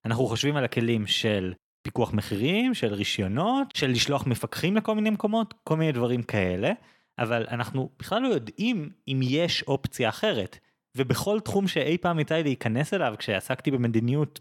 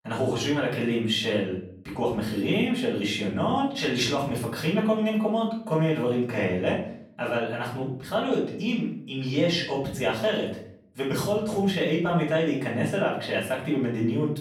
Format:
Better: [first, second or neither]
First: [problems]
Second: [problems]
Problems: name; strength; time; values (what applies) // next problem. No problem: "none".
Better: first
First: none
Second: off-mic speech; far // room echo; slight; dies away in 0.5 s